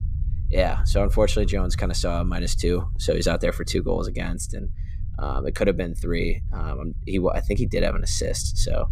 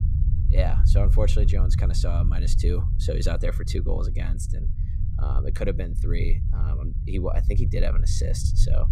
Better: first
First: low rumble; faint; throughout; 20 dB below the speech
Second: low rumble; loud; throughout; 8 dB below the speech

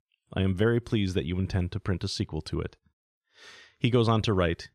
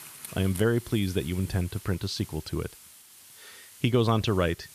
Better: first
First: none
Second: hiss; noticeable; throughout; 15 dB below the speech

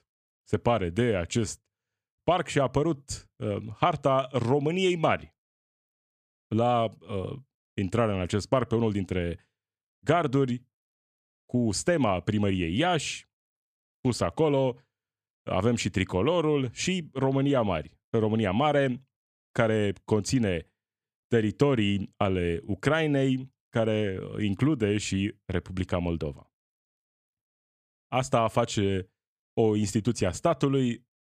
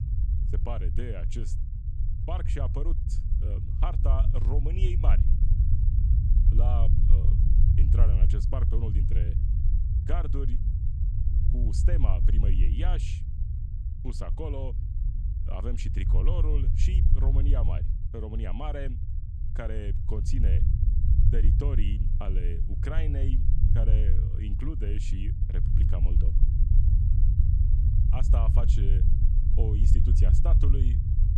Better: first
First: none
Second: low rumble; loud; throughout; 3 dB below the speech

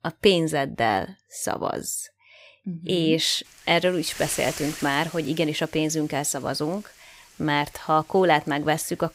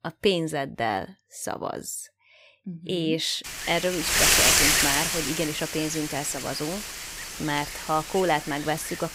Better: first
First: wind noise on the microphone; occasional gusts; from 3.5 s on; 15 dB below the speech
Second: wind noise on the microphone; heavy; from 3.5 s on; 4 dB above the speech

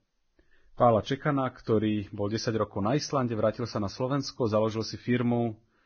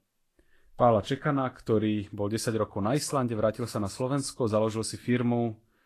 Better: second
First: garbled, watery; badly; nothing above 6 kHz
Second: garbled, watery; slightly; nothing above 12 kHz

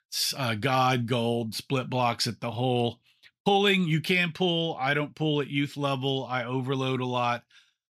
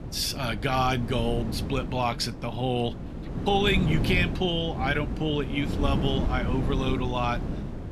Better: first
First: none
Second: wind noise on the microphone; occasional gusts; 10 dB below the speech

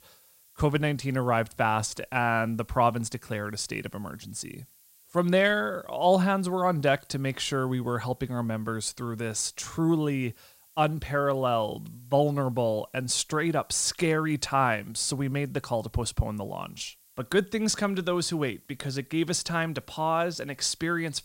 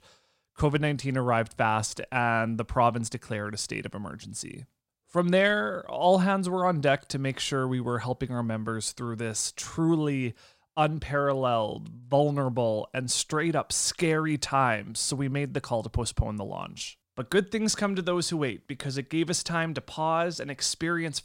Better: second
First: hiss; faint; throughout; 30 dB below the speech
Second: none

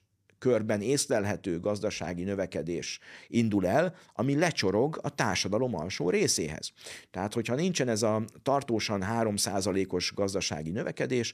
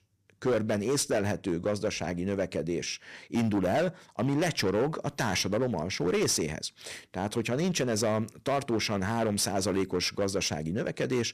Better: first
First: none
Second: distortion; slight; 10% of the sound clipped

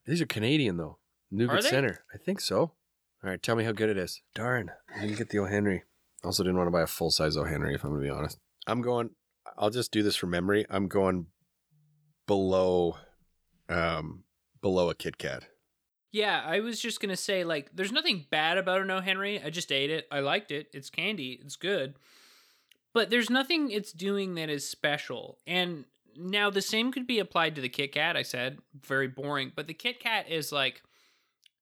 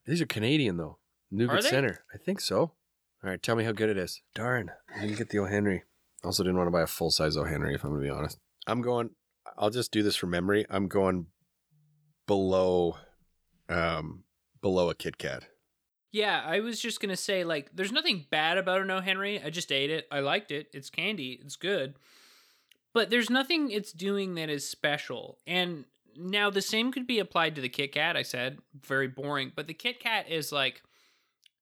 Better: neither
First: none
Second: none

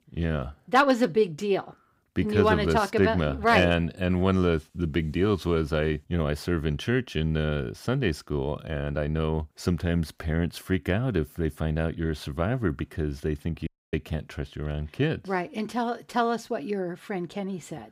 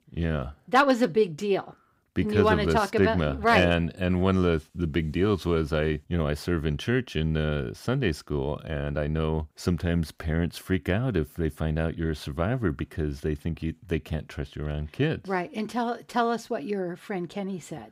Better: second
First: audio cutting out; at 14 s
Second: none

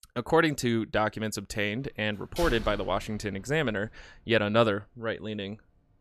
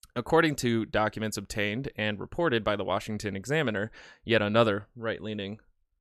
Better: second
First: door banging; noticeable; from 2.5 to 4 s; peak 8 dB below the speech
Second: none

